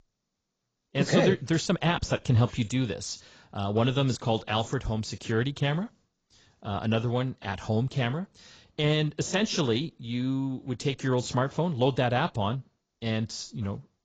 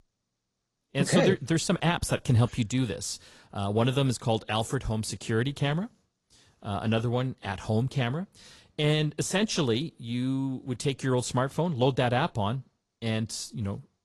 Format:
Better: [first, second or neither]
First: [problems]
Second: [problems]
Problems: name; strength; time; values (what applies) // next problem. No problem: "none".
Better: second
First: garbled, watery; badly; nothing above 7.5 kHz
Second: garbled, watery; slightly; nothing above 11.5 kHz